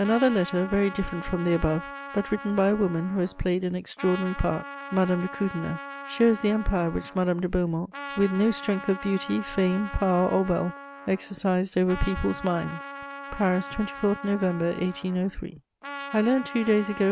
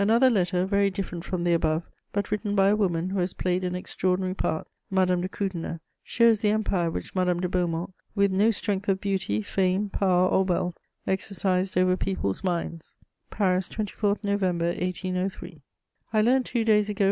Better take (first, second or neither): second